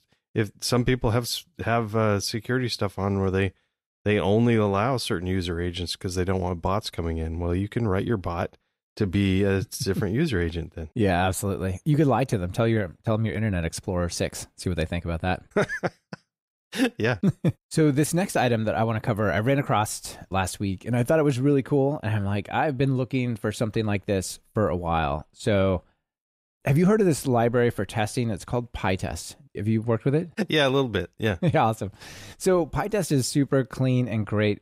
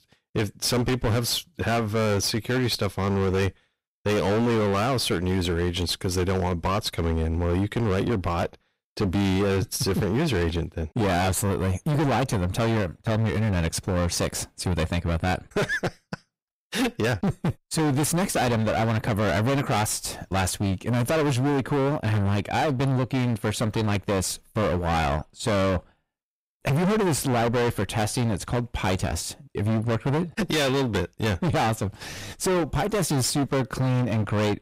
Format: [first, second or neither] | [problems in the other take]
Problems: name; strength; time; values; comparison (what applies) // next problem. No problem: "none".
first | distortion; heavy; 30% of the sound clipped